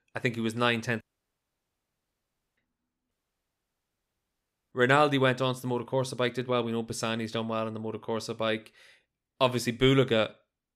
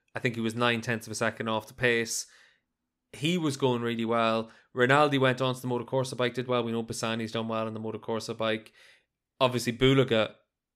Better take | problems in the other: second | audio cutting out; at 1 s for 1.5 s and at 3 s for 1.5 s

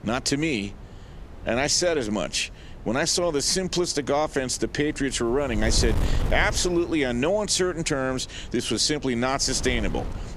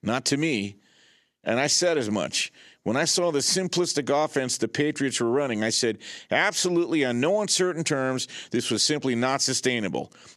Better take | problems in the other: second | wind noise on the microphone; occasional gusts; 20 dB below the speech

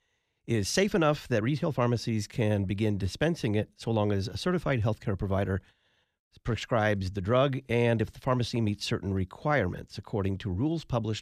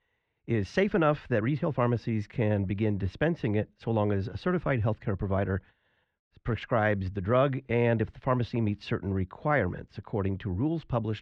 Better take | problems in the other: first | muffled; very; fading above 2 kHz

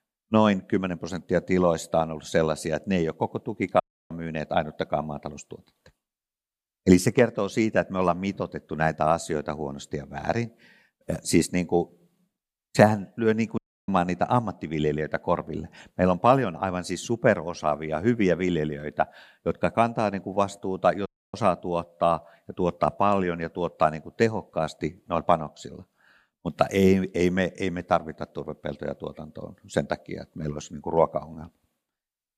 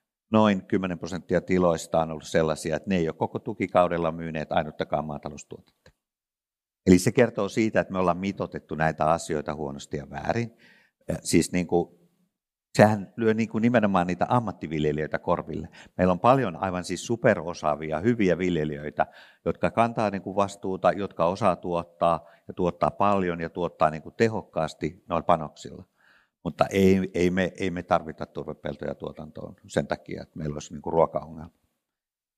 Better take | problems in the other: second | audio cutting out; at 4 s, at 14 s and at 21 s

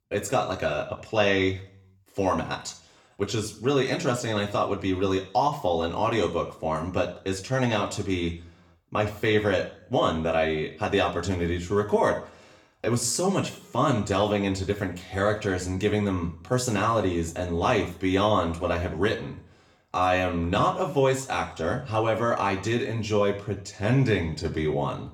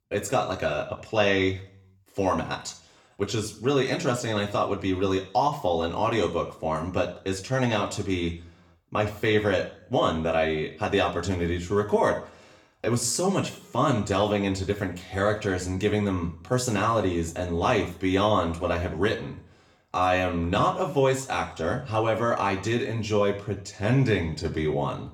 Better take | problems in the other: neither | room echo; very slight; dies away in 0.5 s; the same in both // off-mic speech; somewhat distant; the same in both

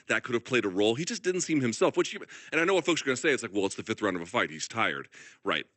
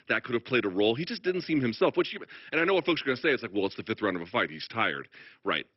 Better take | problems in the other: first | garbled, watery; badly; nothing above 5.5 kHz; slightly in the first

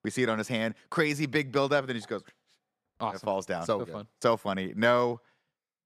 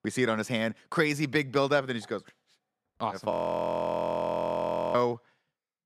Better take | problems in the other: first | audio freezing; at 3.5 s for 1.5 s

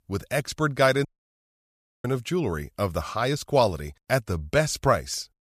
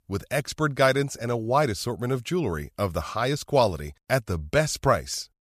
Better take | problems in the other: second | audio cutting out; at 1 s for 1 s

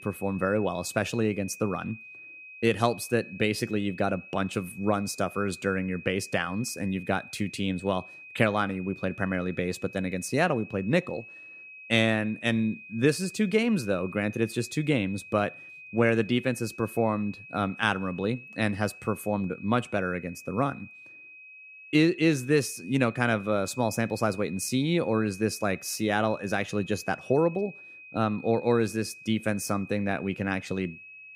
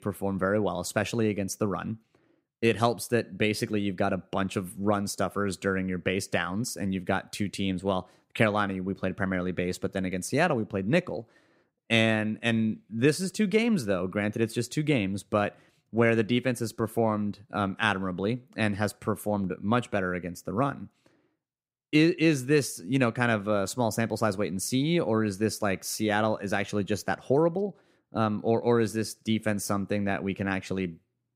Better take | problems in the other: second | high-pitched whine; noticeable; throughout; 2.5 kHz, 15 dB below the speech

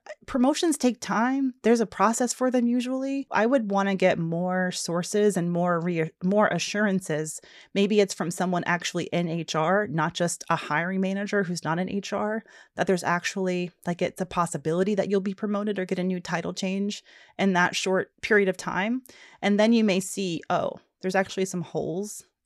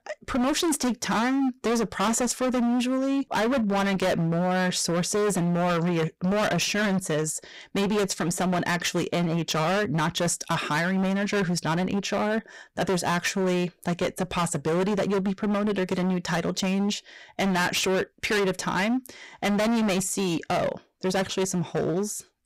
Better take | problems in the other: first | distortion; heavy; 27% of the sound clipped

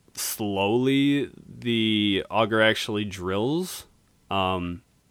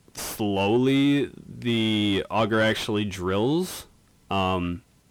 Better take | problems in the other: first | distortion; slight; 10 dB below the speech

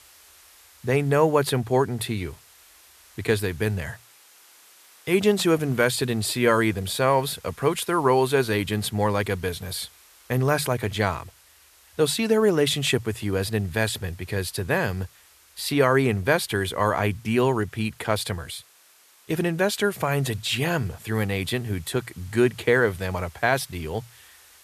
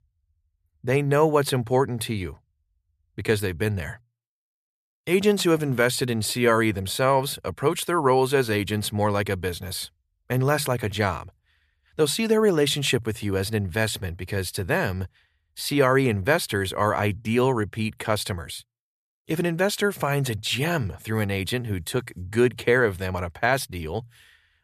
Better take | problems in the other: second | hiss; faint; throughout; 25 dB below the speech

